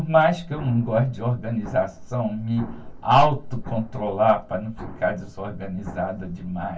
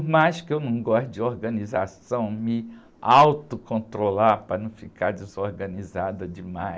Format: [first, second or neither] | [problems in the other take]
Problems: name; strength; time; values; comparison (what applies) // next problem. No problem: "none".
second | background sound (Explosion); 19 dB below the speech // room echo; dies away in 0.1 s